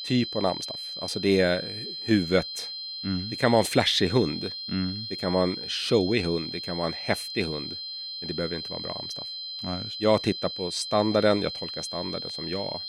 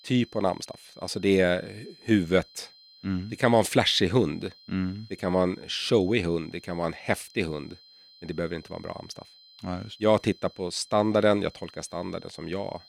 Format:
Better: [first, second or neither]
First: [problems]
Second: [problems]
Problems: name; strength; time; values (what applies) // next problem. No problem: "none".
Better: second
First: high-pitched whine; loud; throughout; 4 kHz, 6 dB below the speech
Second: high-pitched whine; faint; throughout; 4 kHz, 25 dB below the speech